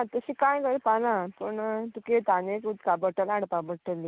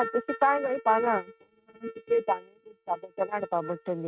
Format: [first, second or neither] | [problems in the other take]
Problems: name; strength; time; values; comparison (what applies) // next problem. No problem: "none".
first | noise reduction (neural mask model RNNoise)